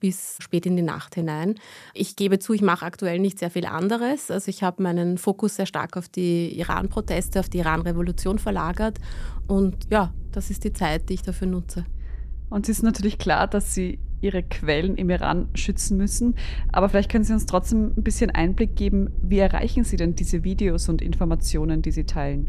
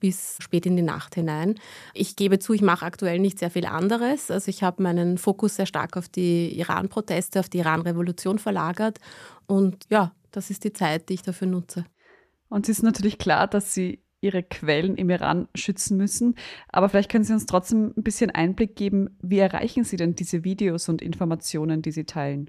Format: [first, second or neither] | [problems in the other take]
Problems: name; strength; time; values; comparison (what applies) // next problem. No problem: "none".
second | low rumble; faint; from 6.5 s on; 25 dB below the speech